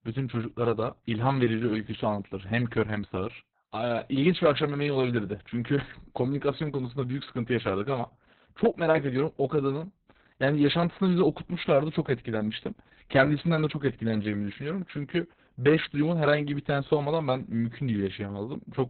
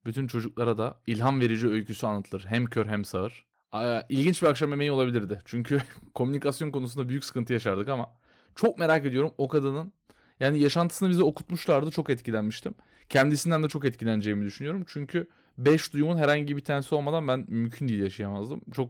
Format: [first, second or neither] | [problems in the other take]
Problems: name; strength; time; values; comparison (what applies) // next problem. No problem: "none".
second | garbled, watery; badly; nothing above 4 kHz; slightly in the second